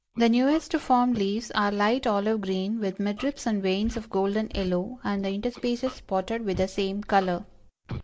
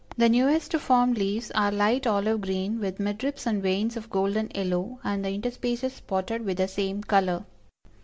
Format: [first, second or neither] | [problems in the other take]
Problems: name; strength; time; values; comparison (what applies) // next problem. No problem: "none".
second | noise reduction (neural mask model Resemble Enhance denoiser)